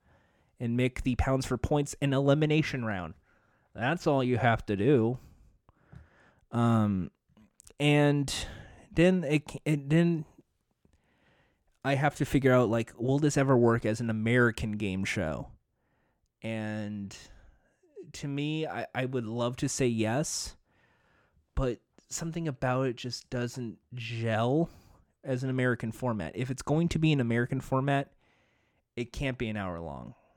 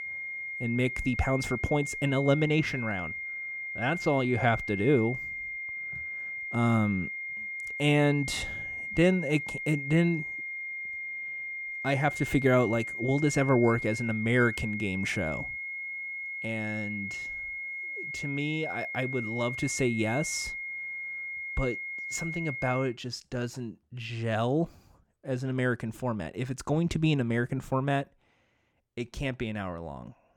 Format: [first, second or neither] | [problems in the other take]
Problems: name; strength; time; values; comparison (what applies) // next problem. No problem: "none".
first | high-pitched whine; loud; until 23 s; 2 kHz, 5 dB below the speech